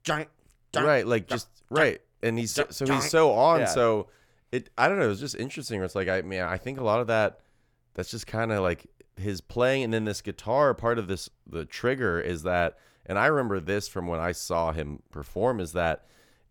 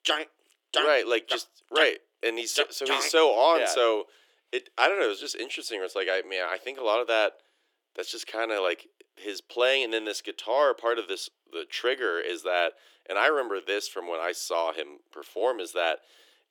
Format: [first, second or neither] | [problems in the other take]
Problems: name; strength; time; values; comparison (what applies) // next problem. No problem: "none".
first | thin; very; fading below 350 Hz